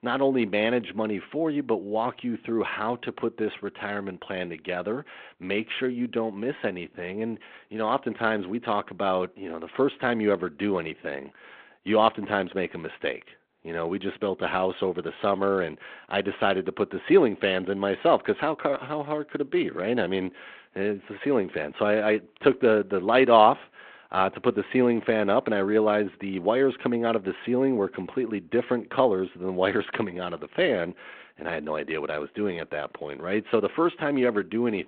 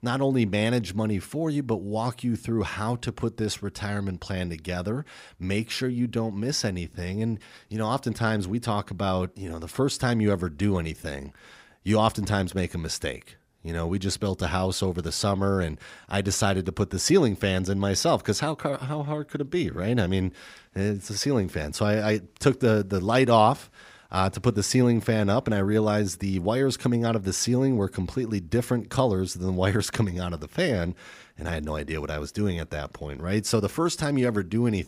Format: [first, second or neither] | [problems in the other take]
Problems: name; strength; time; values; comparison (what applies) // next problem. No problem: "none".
second | phone-call audio